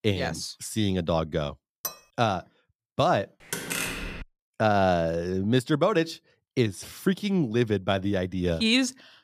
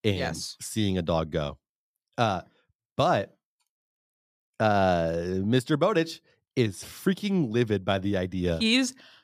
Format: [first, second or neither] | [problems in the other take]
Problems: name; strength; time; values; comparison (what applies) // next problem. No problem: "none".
second | clattering dishes; noticeable; at 2 s; peak 9 dB below the speech // door banging; noticeable; at 3.5 s; peak 3 dB below the speech